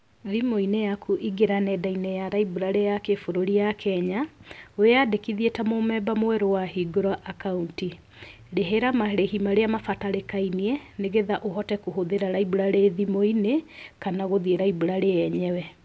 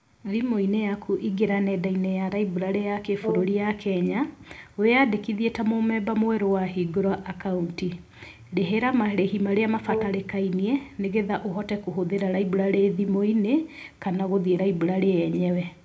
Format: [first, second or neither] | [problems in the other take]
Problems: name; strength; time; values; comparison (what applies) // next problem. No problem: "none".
first | background sound (Brass instrument); 11 dB below the speech // room echo; dies away in 0.2 s